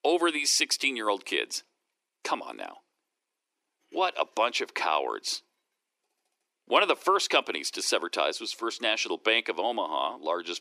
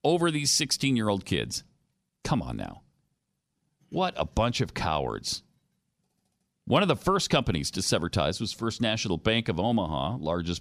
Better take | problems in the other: second | thin; very; fading below 350 Hz

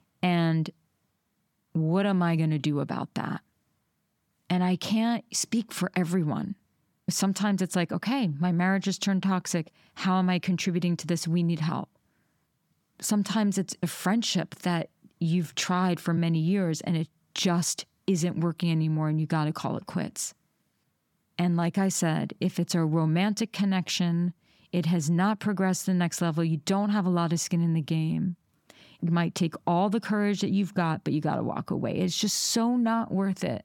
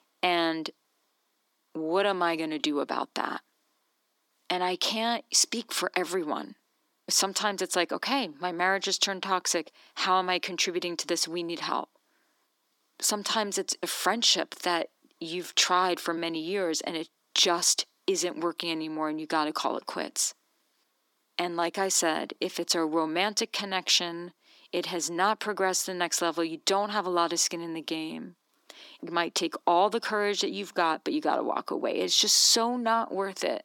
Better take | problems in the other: first | thin; very; fading below 300 Hz

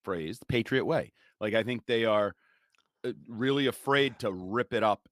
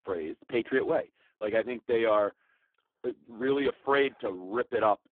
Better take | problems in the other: first | phone-call audio; poor line

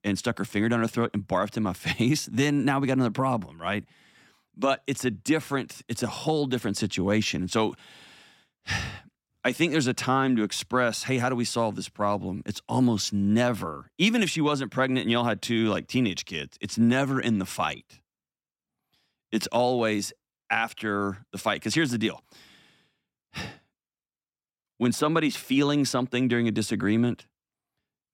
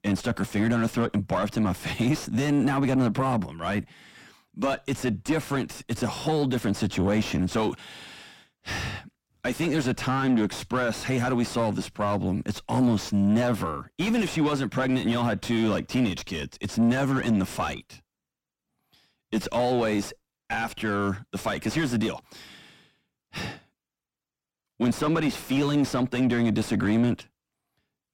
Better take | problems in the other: first | distortion; heavy; 6 dB below the speech

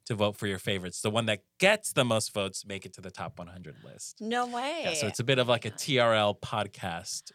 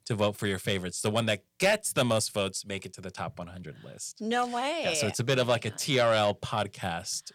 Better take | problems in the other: first | distortion; slight; 10 dB below the speech

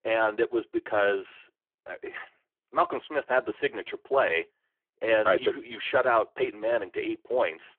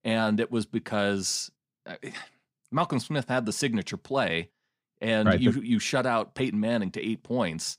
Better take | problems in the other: second | phone-call audio; poor line

